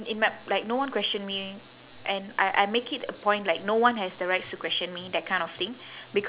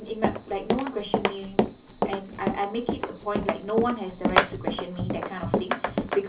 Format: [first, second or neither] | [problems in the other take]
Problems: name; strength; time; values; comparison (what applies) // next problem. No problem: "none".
first | background sound (Run); 3 dB above the speech // room echo; dies away in 0.5 s